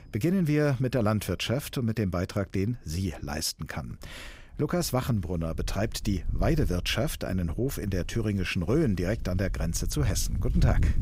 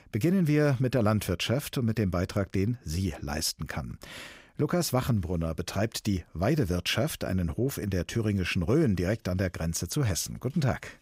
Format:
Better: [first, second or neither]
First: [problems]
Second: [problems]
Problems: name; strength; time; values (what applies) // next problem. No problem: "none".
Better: second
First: wind noise on the microphone; occasional gusts; 20 dB below the speech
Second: none